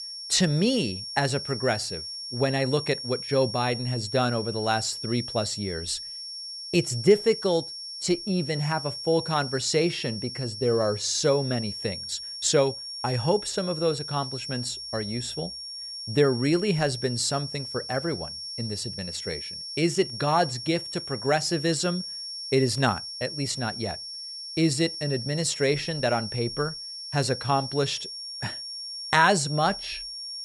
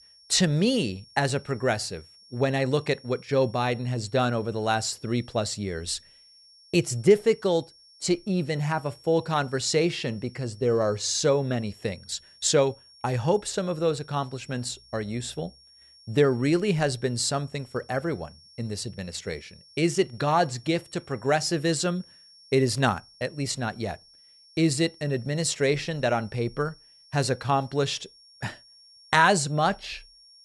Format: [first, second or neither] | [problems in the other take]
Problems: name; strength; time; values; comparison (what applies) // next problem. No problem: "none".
second | high-pitched whine; loud; throughout; 5.5 kHz, 7 dB below the speech; faint in the second